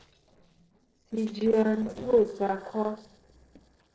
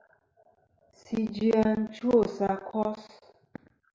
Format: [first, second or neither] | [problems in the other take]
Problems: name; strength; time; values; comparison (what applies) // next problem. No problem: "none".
second | noise reduction (neural separator model SepFormer DNS4)